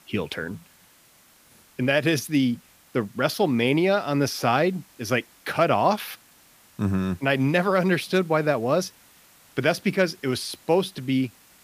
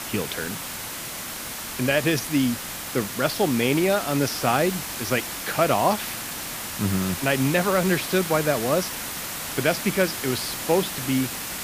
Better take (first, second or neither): first